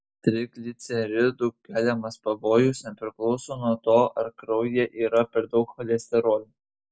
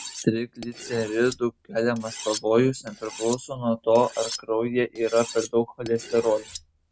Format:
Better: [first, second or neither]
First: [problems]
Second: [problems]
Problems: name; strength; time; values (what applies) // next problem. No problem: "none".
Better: first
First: none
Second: background sound (Cutlery, silverware); 15 dB below the speech